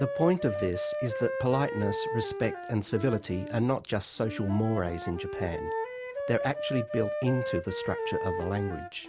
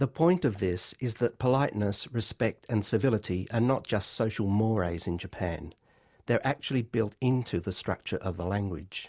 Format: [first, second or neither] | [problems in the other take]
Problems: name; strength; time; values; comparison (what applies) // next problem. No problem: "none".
second | background sound (Wind instrument, woodwind instrument); 5 dB below the speech